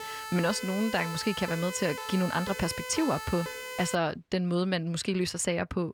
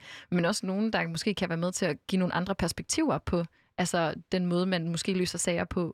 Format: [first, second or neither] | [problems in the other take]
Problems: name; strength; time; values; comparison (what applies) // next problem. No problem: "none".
second | siren; noticeable; until 4 s; peak 7 dB below the speech